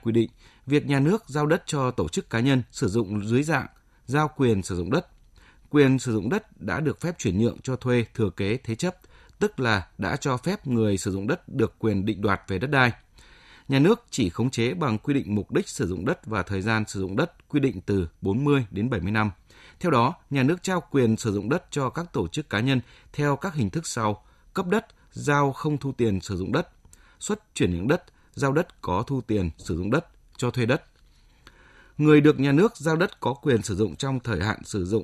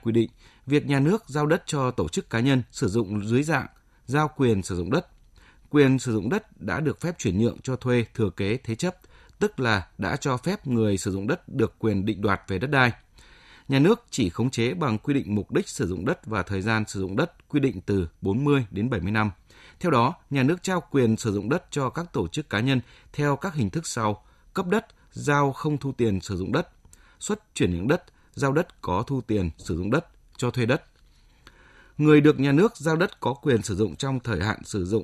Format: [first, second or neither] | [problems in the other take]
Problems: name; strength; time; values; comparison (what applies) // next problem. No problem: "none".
neither | none